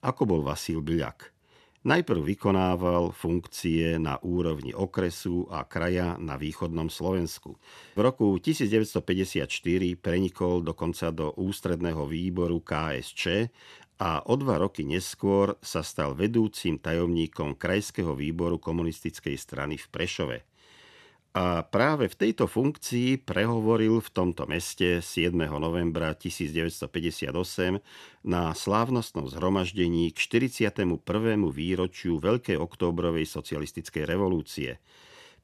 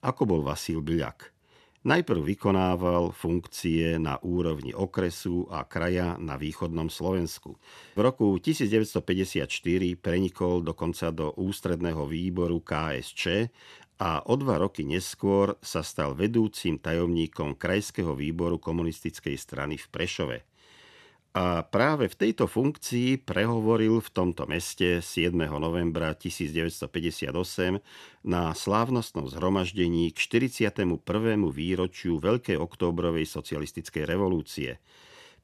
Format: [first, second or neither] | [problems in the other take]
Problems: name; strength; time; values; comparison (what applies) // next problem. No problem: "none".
neither | none